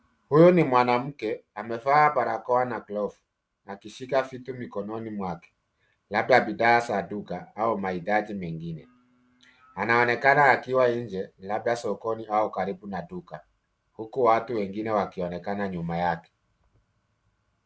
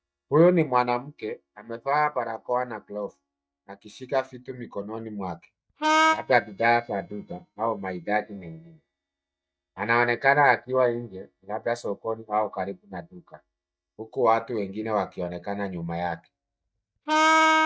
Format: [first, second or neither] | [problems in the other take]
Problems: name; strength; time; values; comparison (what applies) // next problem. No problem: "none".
first | noise reduction (neural mask model DeepFilterNet 3)